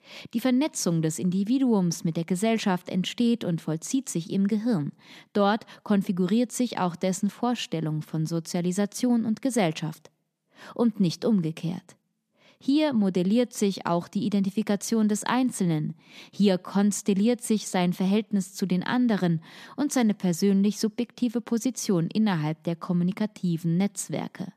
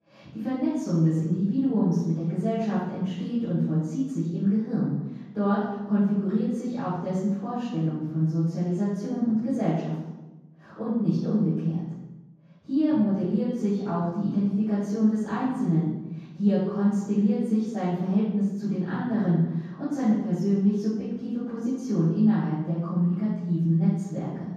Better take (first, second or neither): first